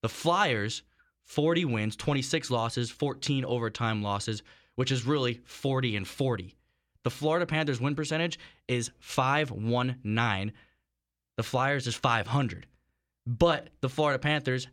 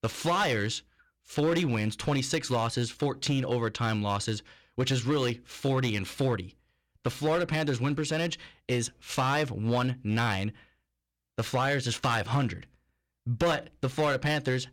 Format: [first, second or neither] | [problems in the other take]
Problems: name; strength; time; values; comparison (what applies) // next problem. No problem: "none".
first | distortion; slight; 6% of the sound clipped